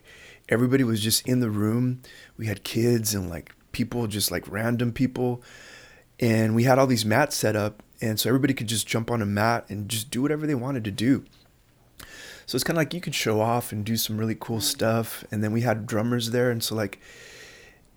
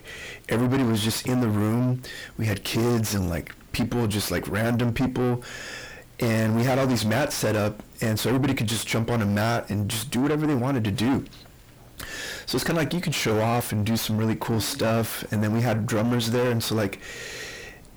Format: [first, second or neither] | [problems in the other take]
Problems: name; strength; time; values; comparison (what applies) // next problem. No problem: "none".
first | distortion; heavy; 5 dB below the speech